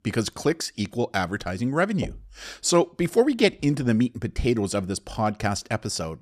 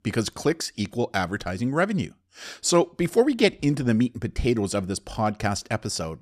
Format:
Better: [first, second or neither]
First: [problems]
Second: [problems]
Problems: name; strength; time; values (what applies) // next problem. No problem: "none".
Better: second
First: door banging; faint; at 2 s; peak 10 dB below the speech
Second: none